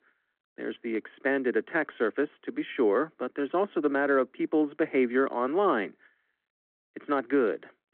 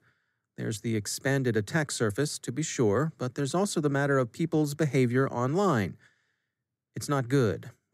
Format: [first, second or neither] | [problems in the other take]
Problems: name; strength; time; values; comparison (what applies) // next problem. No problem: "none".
second | phone-call audio